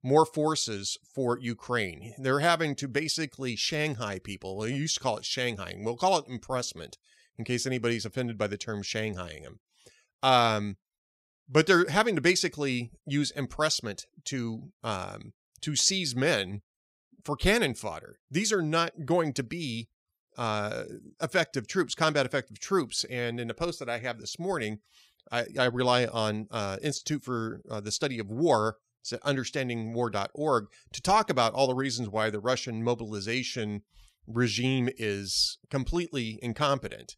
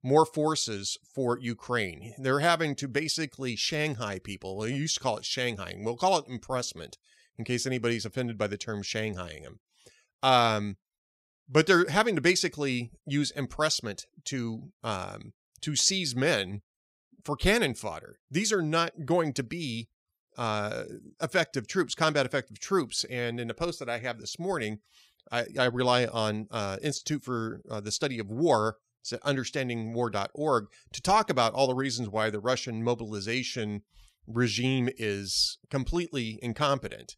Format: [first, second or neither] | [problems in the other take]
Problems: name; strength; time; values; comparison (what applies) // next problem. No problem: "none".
neither | none